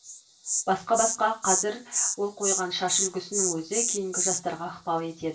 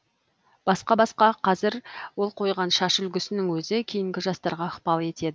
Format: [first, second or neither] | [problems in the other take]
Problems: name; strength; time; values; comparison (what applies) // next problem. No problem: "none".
second | background sound (Insect); as loud as the speech // room echo; dies away in 0.3 s